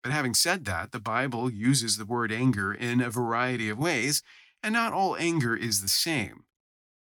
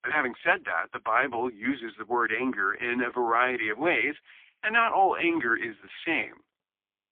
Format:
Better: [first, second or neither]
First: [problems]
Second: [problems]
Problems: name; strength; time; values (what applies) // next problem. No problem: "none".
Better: first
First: none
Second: phone-call audio; poor line; nothing above 3.5 kHz